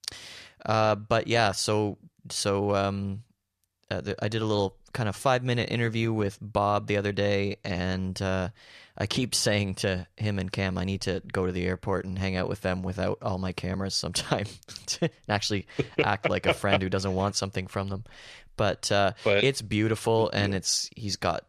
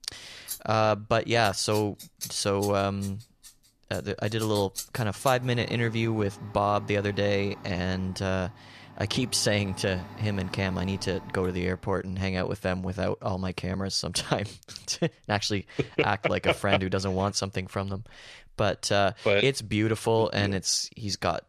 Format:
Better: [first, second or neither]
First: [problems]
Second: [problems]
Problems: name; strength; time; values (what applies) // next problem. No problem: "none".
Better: first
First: none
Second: household noises; noticeable; until 11 s; 15 dB below the speech